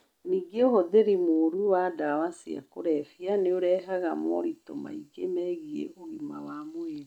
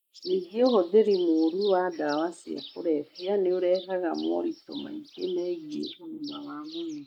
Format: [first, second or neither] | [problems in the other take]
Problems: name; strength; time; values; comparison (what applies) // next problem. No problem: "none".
first | noise reduction (neural mask model Resemble Enhance denoiser)